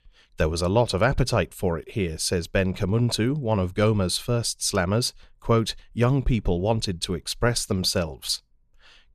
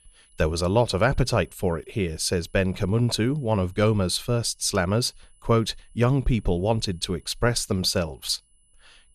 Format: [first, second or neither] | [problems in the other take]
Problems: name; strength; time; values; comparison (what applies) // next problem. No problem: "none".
first | high-pitched whine; faint; throughout; 10 kHz, 35 dB below the speech